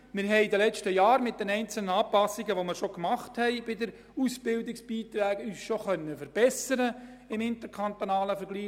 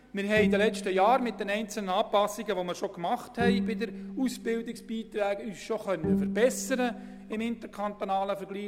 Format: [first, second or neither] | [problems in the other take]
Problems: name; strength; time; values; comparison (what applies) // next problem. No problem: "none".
first | background sound (Bowed string instrument); 5 dB below the speech